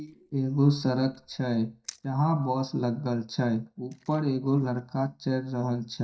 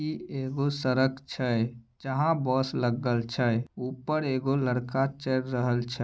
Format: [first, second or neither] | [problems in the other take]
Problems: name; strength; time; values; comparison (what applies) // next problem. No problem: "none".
second | noise reduction (neural mask model DeepFilterNet 3)